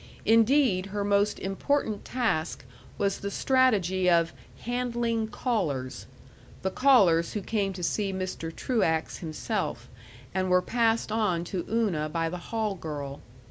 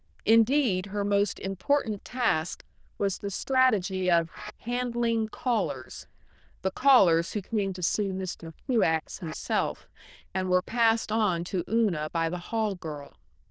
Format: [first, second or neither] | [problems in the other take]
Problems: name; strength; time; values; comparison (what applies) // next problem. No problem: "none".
first | noise reduction (neural diffusion model UNIVERSE++)